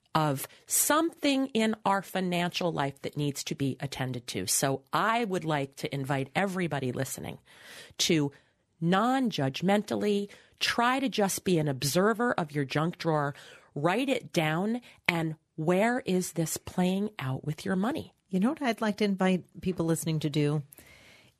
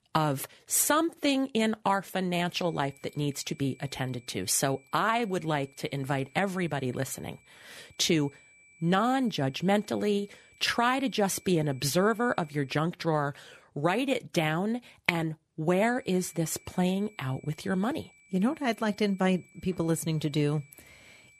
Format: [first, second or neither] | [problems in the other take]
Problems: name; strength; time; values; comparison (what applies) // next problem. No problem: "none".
first | high-pitched whine; faint; from 2.5 to 13 s and from 16 s on; 2.5 kHz, 30 dB below the speech